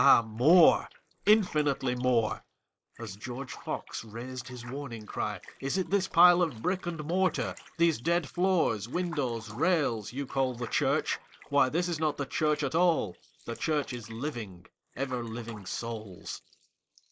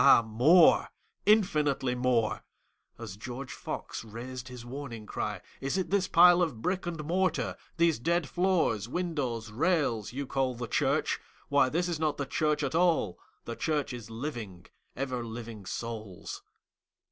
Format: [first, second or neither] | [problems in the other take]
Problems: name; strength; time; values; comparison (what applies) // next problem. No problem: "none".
second | noise reduction (neural mask model Resemble Enhance denoiser)